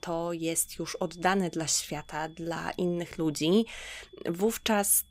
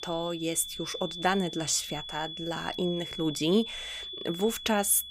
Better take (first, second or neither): first